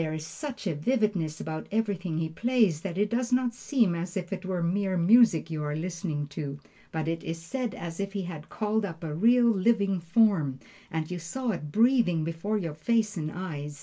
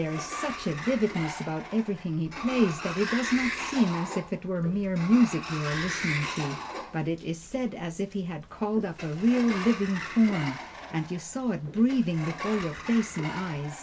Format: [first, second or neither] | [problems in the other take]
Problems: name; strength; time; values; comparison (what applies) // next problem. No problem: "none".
first | background sound (Sliding door); 10 dB below the speech